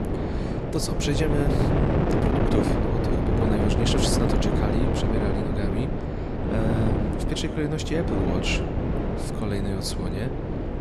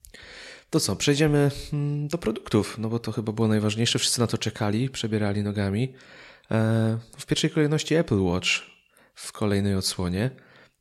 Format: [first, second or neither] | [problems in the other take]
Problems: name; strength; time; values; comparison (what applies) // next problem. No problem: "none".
second | wind noise on the microphone; heavy; 2 dB above the speech